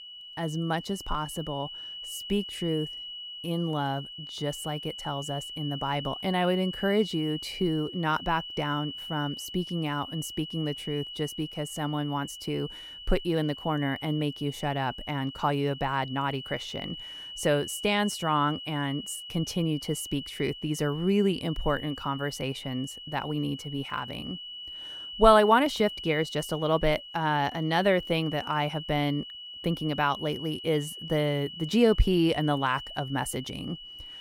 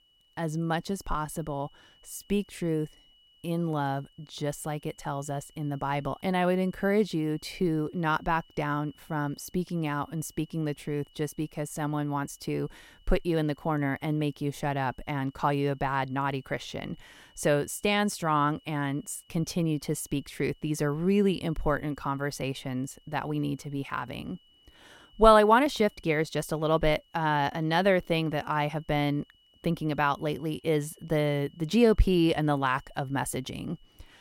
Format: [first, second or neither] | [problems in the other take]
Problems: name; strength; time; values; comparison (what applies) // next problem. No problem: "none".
second | high-pitched whine; loud; throughout; 3 kHz, 10 dB below the speech; faint in the second